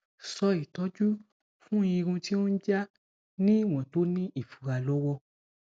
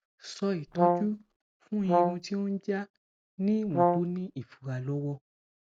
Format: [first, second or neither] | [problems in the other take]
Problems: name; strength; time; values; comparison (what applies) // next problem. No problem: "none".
first | background sound (Brass instrument); 5 dB above the speech